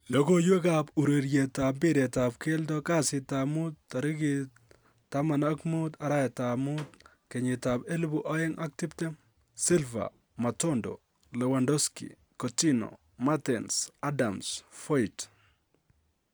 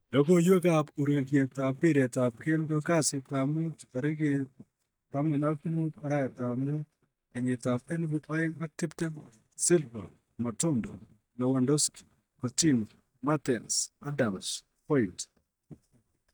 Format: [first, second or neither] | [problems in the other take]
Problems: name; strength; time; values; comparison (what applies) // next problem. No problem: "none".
first | noise reduction (neural mask model DeepFilterNet 3)